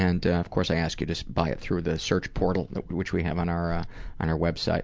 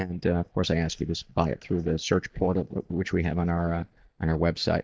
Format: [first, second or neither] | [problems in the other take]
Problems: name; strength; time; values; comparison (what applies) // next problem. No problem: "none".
first | noise reduction (neural mask model DeepFilterNet 3)